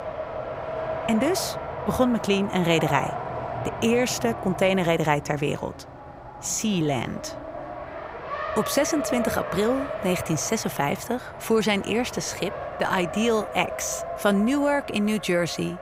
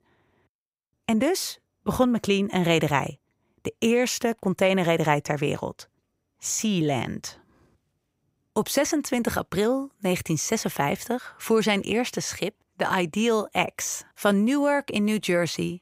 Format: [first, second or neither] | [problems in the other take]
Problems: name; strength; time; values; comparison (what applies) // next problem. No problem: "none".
second | traffic noise; loud; throughout; 9 dB below the speech